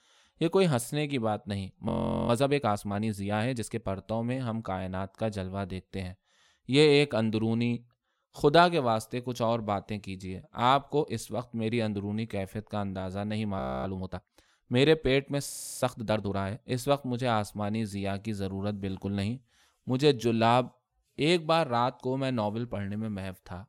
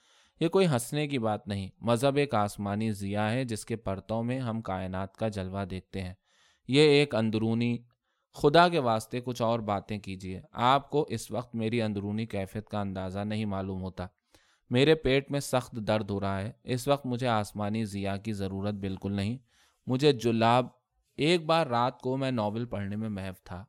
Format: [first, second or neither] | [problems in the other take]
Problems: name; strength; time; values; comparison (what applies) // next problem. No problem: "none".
second | audio freezing; at 2 s, at 14 s and at 16 s